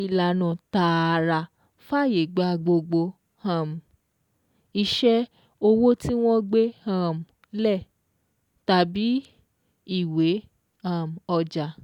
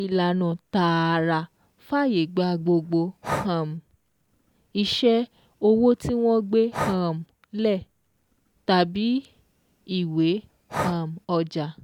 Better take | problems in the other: first | background sound (Breathing); 14 dB below the speech

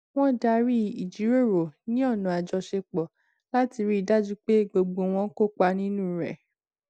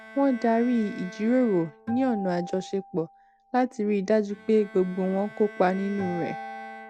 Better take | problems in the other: first | background sound (Acoustic guitar + Bowed string instrument); 15 dB below the speech

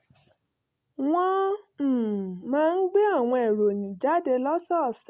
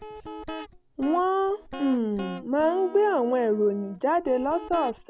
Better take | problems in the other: first | background sound (Guitar); 14 dB below the speech

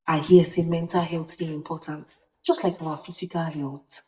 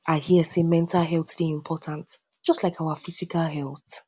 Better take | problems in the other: second | noise reduction (neural mask model DeepFilterNet 3)

